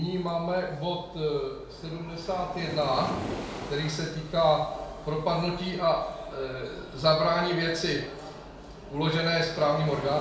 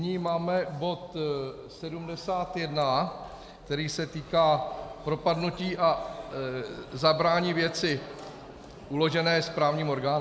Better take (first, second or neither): second